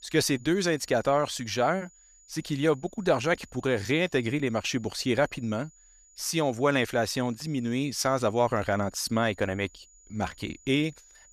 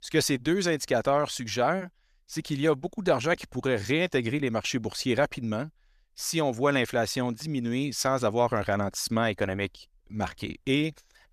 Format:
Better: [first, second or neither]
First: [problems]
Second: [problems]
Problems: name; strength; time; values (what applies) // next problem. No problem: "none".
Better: second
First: high-pitched whine; faint; throughout; 7 kHz, 30 dB below the speech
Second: none